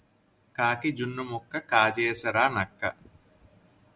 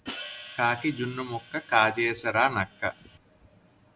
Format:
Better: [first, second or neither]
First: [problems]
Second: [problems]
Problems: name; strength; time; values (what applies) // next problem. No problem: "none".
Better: first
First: none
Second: background sound (Hi-hat); 17 dB below the speech